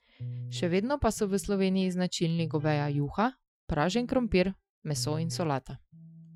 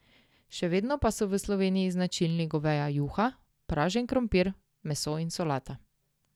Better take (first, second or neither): second